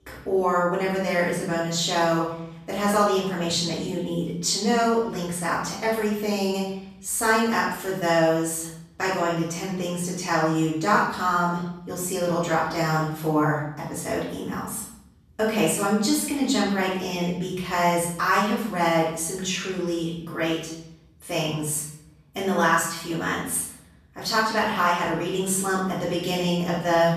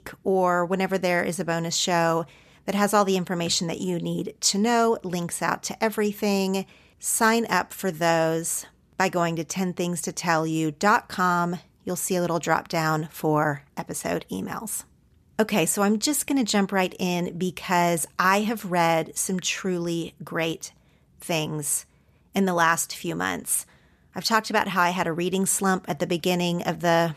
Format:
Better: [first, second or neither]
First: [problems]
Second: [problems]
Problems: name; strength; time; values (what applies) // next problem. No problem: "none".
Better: second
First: off-mic speech; far // room echo; noticeable; dies away in 0.7 s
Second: none